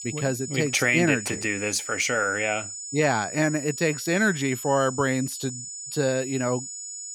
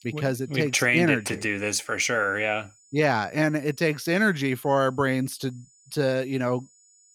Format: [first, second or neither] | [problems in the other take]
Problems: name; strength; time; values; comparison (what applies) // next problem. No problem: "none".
second | high-pitched whine; loud; throughout; 7 kHz, 9 dB below the speech; faint in the second